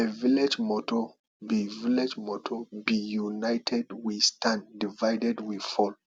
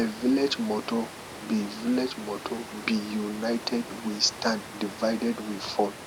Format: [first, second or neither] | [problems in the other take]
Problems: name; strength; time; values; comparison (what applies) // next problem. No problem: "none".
first | background sound (Water); 12 dB below the speech